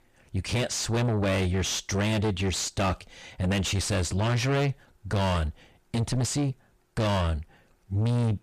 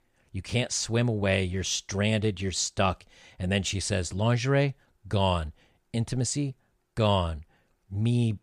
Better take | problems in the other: second | distortion; heavy; 6 dB below the speech

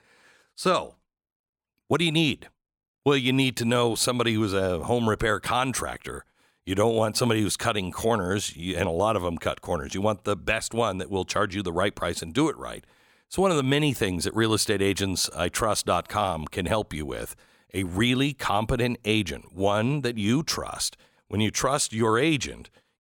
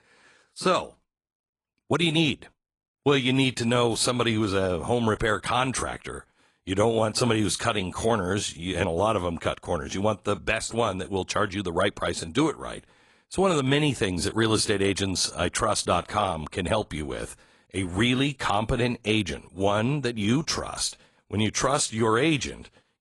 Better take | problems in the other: first | garbled, watery; slightly; nothing above 10.5 kHz

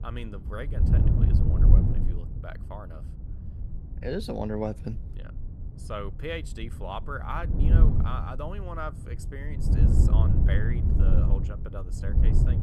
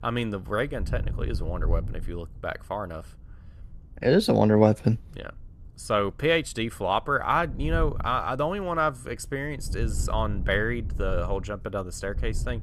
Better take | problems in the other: second | wind noise on the microphone; heavy; 1 dB below the speech; occasional gusts in the second

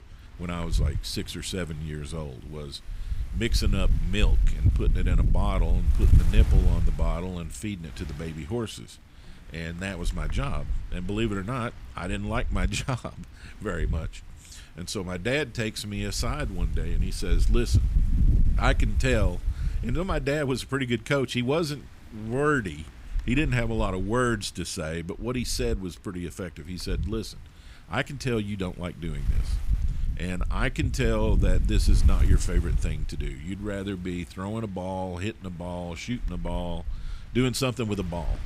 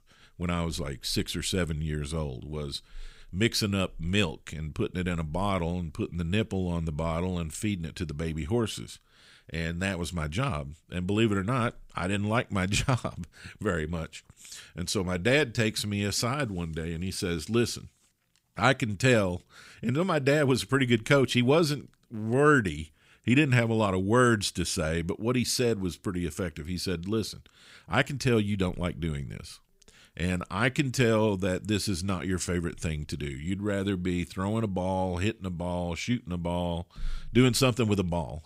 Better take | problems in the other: second | wind noise on the microphone; occasional gusts; 15 dB below the speech

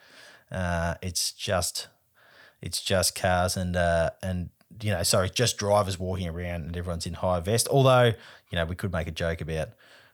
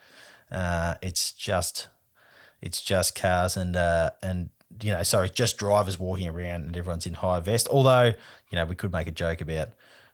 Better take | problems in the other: first | garbled, watery; slightly

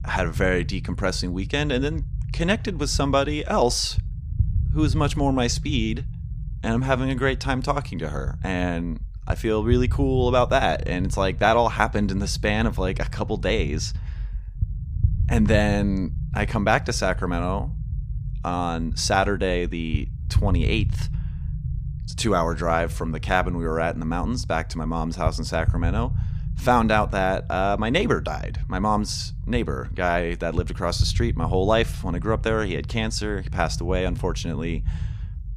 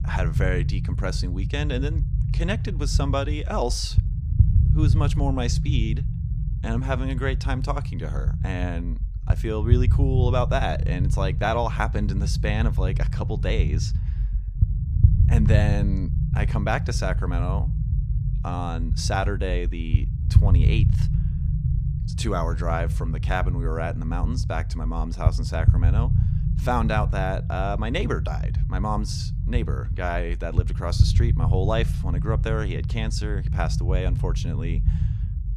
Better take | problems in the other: first | low rumble; loud; throughout; 9 dB below the speech; faint in the first

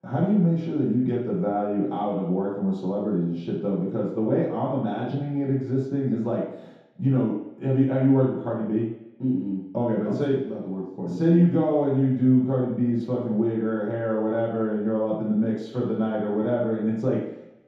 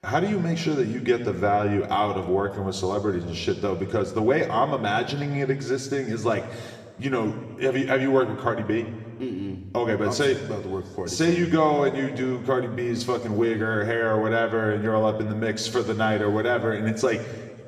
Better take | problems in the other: second | room echo; strong; dies away in 0.8 s; slight in the second // off-mic speech; far; somewhat distant in the second

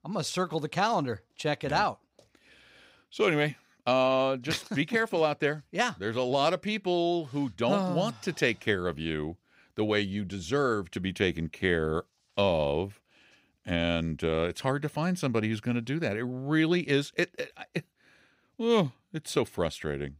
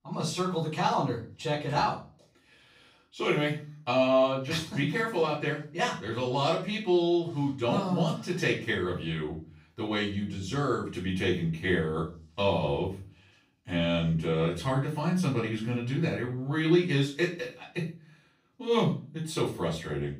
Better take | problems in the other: first | room echo; slight; dies away in 0.4 s // off-mic speech; far

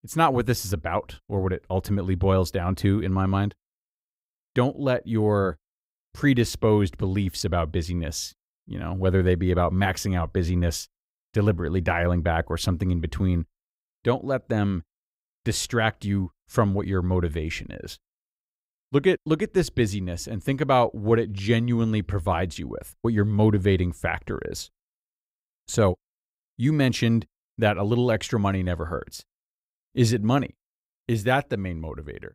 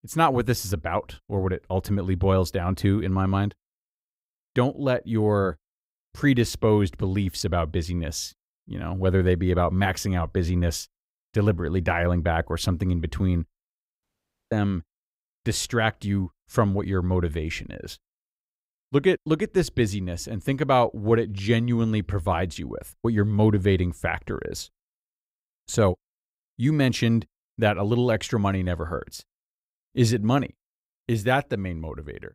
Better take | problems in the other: first | audio cutting out; at 14 s

